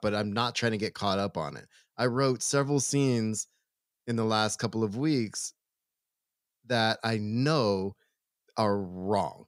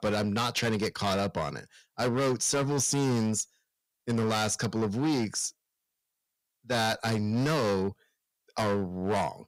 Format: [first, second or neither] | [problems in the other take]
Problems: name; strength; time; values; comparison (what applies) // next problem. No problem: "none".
first | distortion; heavy; 14% of the sound clipped